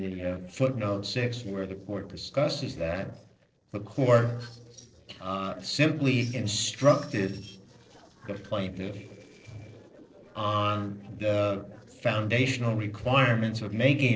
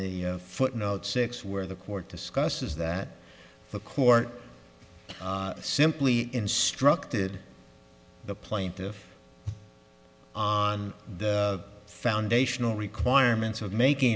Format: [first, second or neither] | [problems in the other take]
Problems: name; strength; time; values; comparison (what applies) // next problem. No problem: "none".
second | noise reduction (neural separator model SepFormer DNS4)